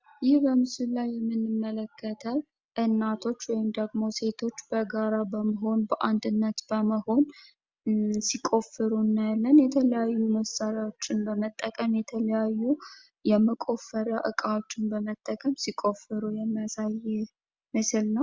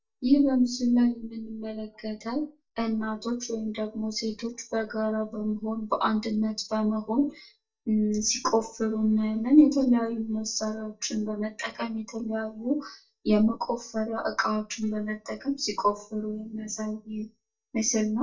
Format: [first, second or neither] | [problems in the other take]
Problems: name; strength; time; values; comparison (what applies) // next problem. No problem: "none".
first | noise reduction (neural mask model DeepFilterNet 3)